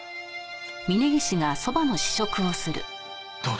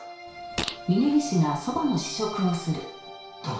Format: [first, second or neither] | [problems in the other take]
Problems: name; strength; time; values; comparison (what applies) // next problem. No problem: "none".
first | background sound (Fart); 9 dB below the speech // room echo; dies away in 0.6 s